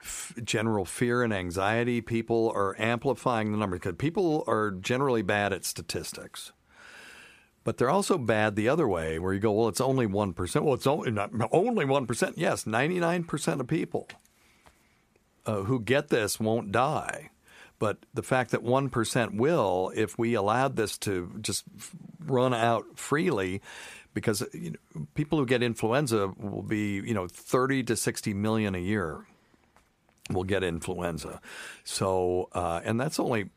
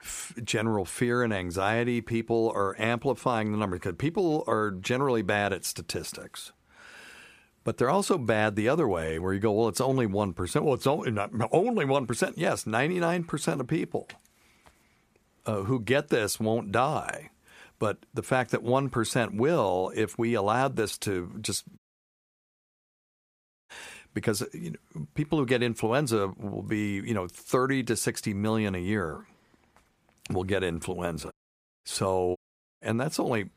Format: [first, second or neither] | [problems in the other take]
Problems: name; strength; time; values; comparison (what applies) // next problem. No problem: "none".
first | audio cutting out; at 22 s for 2 s, at 31 s for 0.5 s and at 32 s